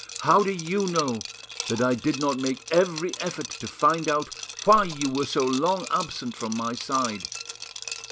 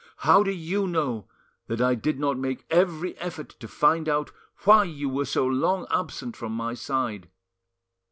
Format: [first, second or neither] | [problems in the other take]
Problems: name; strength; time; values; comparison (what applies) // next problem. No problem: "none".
second | background sound (Liquid); 11 dB below the speech